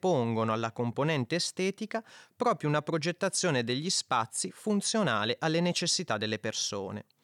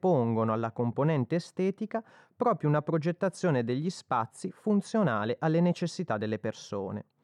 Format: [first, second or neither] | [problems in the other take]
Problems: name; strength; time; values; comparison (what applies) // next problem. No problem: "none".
first | muffled; very; fading above 2 kHz